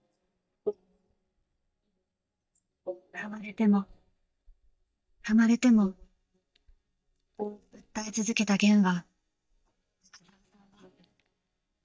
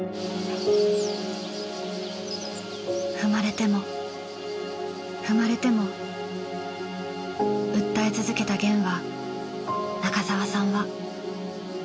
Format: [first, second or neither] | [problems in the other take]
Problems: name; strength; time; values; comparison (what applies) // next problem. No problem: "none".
second | noise reduction (neural mask model DeepFilterNet 3)